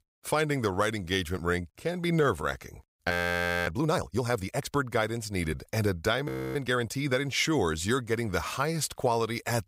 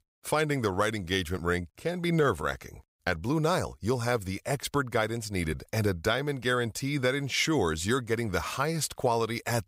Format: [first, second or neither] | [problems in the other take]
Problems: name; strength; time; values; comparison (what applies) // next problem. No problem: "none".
second | audio freezing; at 3 s for 0.5 s and at 6.5 s